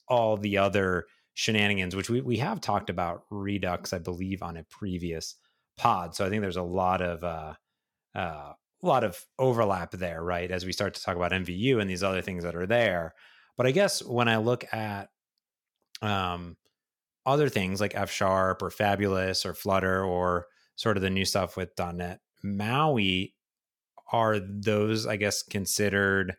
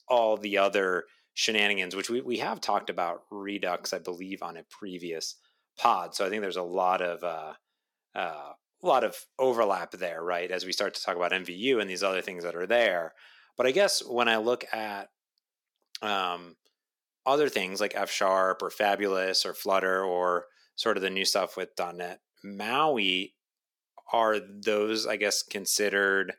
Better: first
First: none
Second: thin; somewhat; fading below 300 Hz

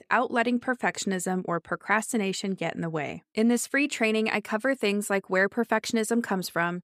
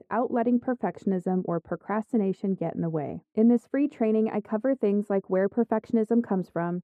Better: first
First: none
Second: muffled; very; fading above 1.5 kHz

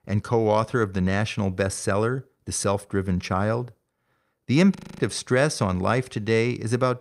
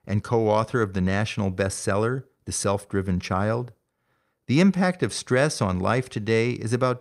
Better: second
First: audio freezing; at 5 s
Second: none

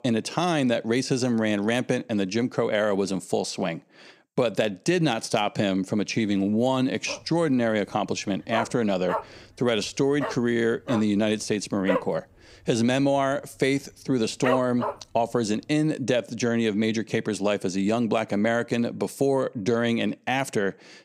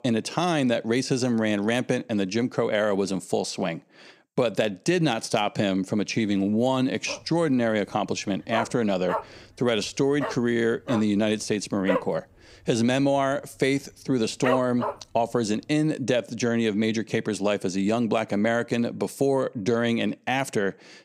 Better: neither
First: dog barking; noticeable; from 7 to 15 s; peak 3 dB below the speech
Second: dog barking; noticeable; from 7 to 15 s; peak 3 dB below the speech

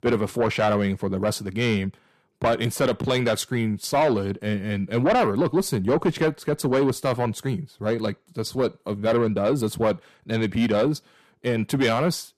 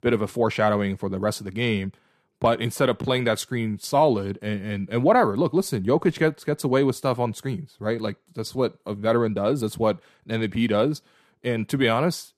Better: second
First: distortion; slight; 10 dB below the speech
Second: none

